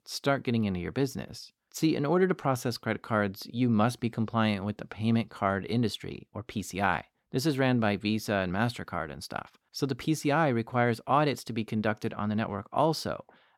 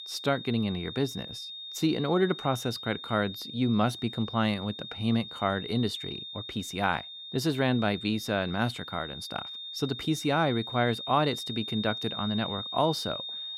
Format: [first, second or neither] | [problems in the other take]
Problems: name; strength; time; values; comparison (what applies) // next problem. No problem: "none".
first | high-pitched whine; loud; throughout; 3.5 kHz, 8 dB below the speech